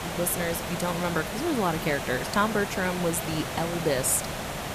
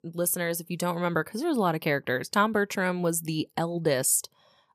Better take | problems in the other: second | hiss; loud; throughout; 5 dB below the speech

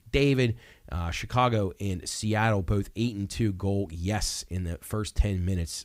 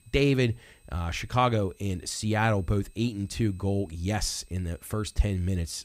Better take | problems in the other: first | high-pitched whine; faint; throughout; 8 kHz, 35 dB below the speech

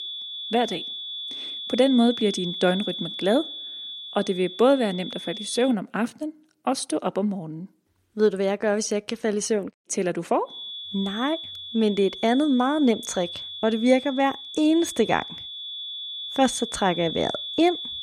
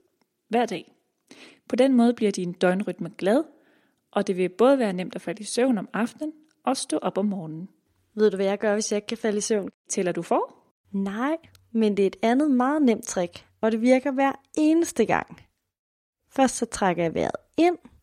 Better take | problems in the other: second | high-pitched whine; loud; until 5.5 s and from 11 s on; 3.5 kHz, 8 dB below the speech

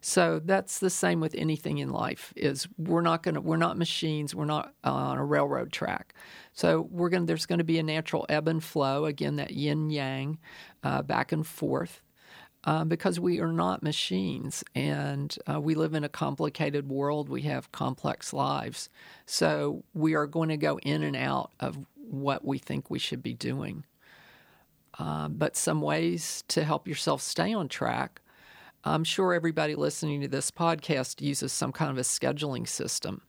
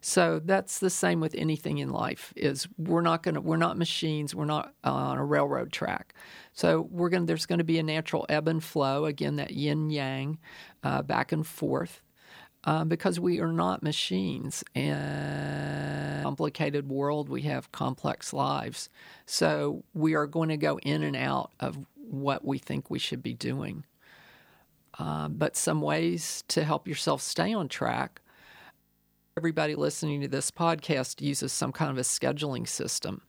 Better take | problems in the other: first | audio freezing; at 15 s for 1.5 s and at 29 s for 0.5 s

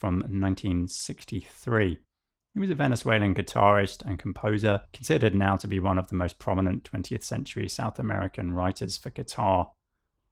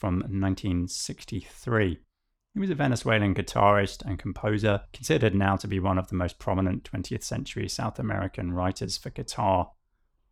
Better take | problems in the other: second | garbled, watery; slightly

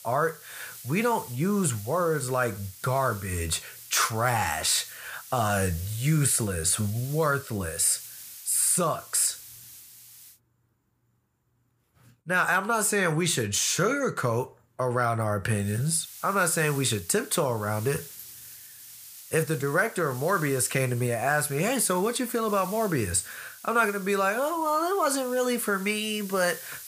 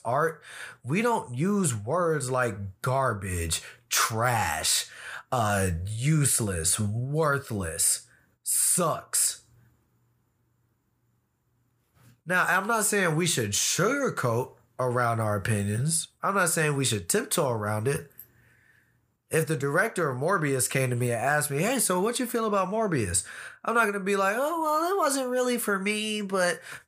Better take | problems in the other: second | hiss; noticeable; until 10 s and from 16 s on; 15 dB below the speech

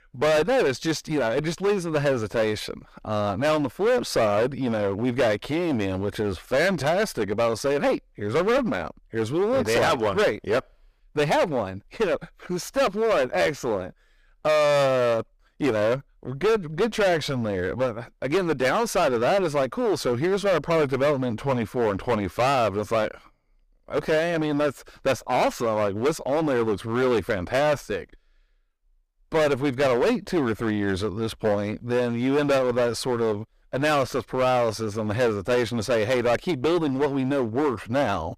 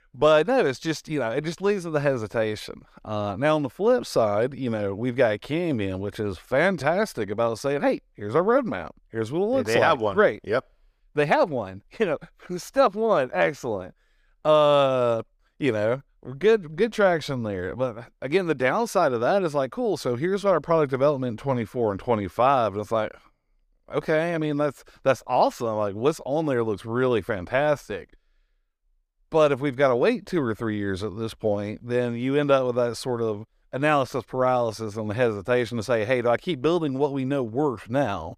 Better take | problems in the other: second | distortion; heavy; 16% of the sound clipped

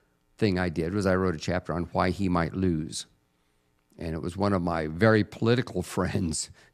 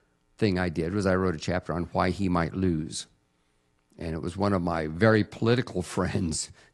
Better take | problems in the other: first | garbled, watery; slightly

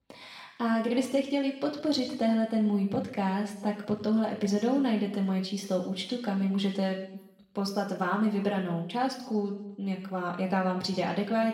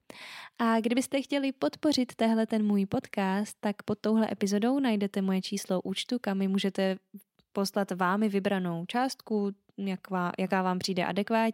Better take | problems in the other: second | room echo; slight; dies away in 0.8 s // off-mic speech; far

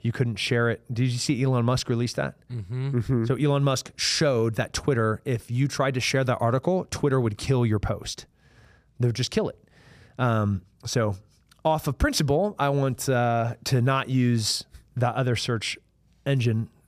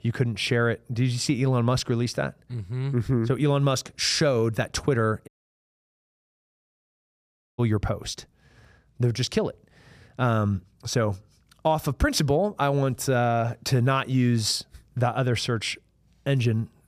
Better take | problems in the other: first | audio cutting out; at 5.5 s for 2.5 s

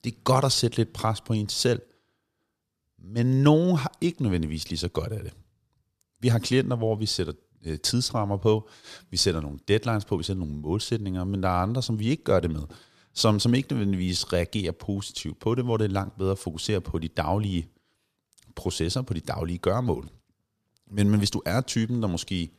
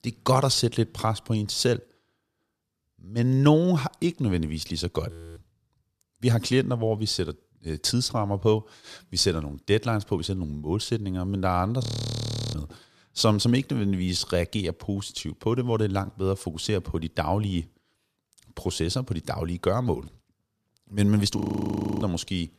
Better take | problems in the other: first | audio freezing; at 5 s, at 12 s for 0.5 s and at 21 s for 0.5 s

